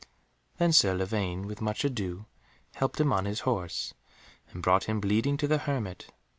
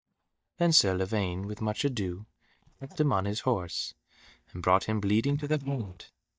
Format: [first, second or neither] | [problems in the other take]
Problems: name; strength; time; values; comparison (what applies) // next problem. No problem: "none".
first | noise reduction (neural mask model DeepFilterNet 3)